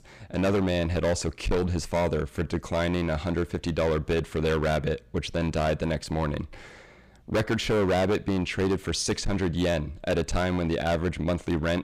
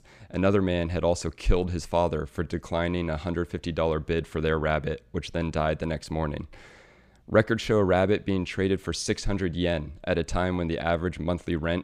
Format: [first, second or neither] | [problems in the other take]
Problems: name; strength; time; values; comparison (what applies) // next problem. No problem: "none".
second | distortion; heavy; 13% of the sound clipped